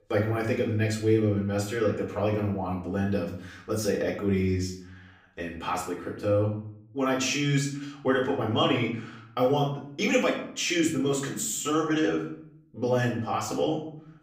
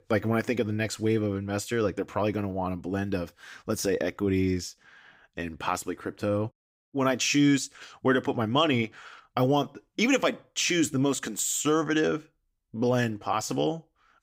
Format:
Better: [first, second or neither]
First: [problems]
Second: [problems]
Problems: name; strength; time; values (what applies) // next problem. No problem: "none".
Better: second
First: off-mic speech; far // room echo; slight; dies away in 0.6 s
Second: none